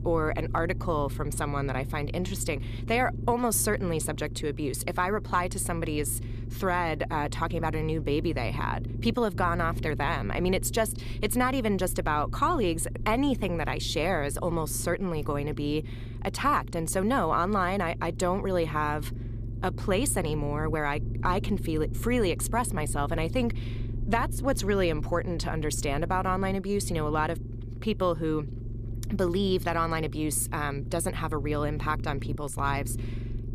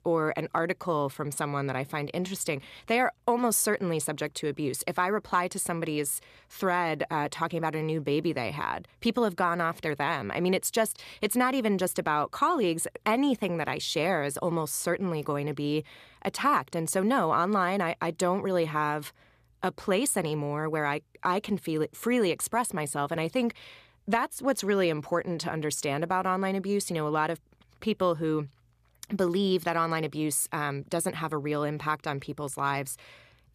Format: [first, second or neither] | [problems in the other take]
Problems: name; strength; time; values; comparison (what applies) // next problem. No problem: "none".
second | low rumble; noticeable; throughout; 20 dB below the speech